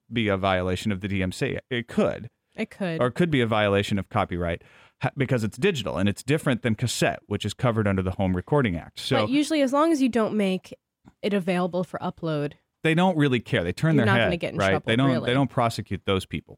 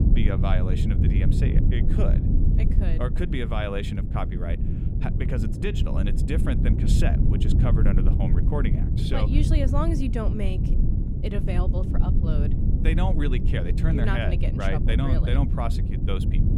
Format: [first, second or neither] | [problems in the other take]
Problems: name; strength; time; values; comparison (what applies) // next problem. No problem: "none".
first | low rumble; loud; throughout; 3 dB below the speech